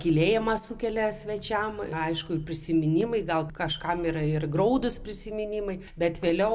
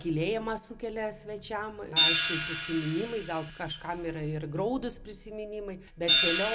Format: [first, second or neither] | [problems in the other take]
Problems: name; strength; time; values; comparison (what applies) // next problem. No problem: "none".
first | background sound (Hi-hat); 1 dB above the speech